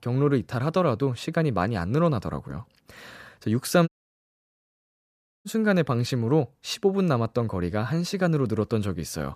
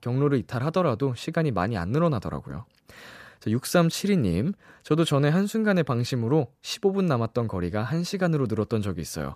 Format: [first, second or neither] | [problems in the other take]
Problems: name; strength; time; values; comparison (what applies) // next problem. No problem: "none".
second | audio cutting out; at 4 s for 1.5 s